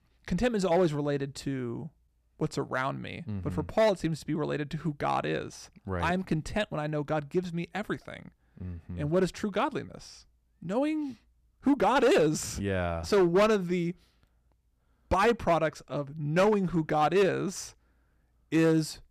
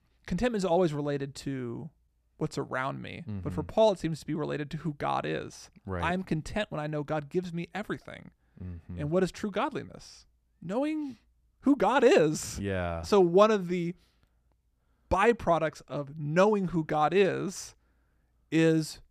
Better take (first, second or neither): second